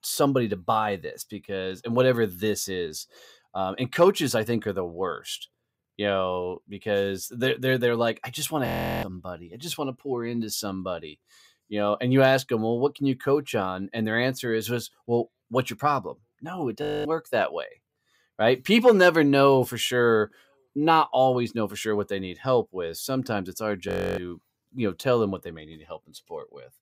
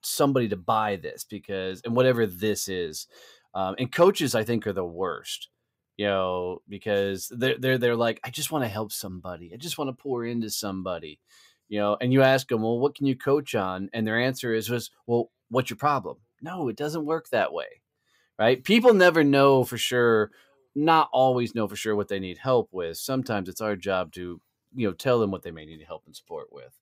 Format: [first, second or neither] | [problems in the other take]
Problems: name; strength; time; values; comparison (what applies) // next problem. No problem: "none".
second | audio freezing; at 8.5 s, at 17 s and at 24 s